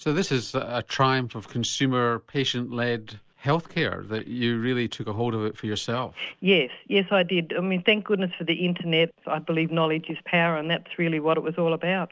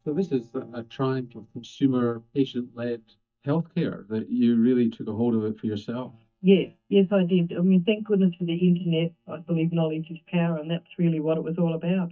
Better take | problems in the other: first | noise reduction (neural mask model DeepFilterNet 3)

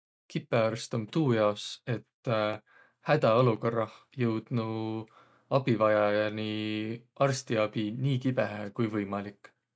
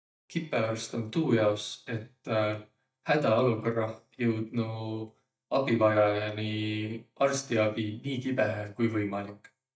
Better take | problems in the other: first | noise reduction (neural mask model DeepFilterNet 3)

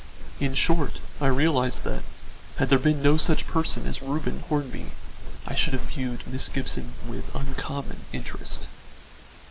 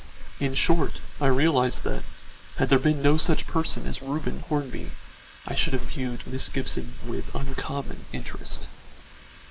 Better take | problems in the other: first | noise reduction (neural mask model Resemble Enhance denoiser)

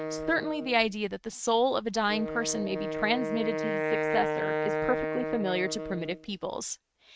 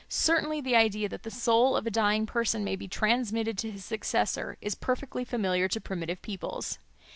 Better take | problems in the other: second | noise reduction (neural mask model RNNoise)

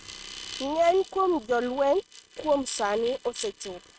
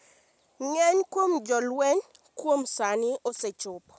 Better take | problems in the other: second | noise reduction (neural mask model RNNoise)

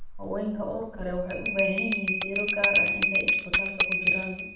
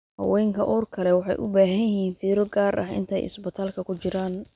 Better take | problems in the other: second | background sound (Bell); 4 dB above the speech // room echo; dies away in 0.5 s

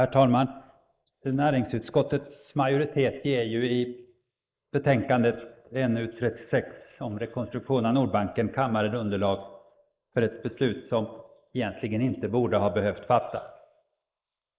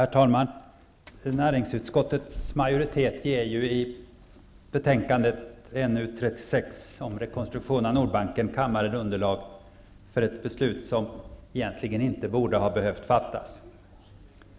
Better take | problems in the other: second | noise reduction (neural mask model Resemble Enhance denoiser)

